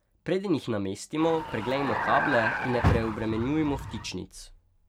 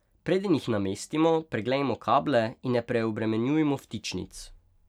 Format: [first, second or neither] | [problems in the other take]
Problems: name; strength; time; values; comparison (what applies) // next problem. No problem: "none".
second | background sound (Vehicle); 1 dB below the speech